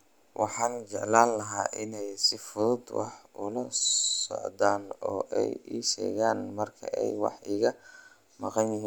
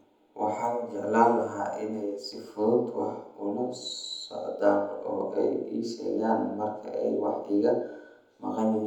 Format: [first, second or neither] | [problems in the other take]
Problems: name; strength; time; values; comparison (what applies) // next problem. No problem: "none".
first | room echo; dies away in 1 s